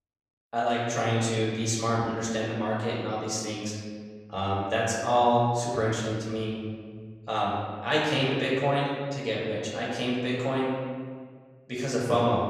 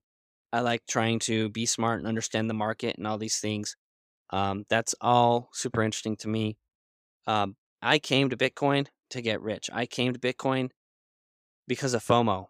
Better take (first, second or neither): second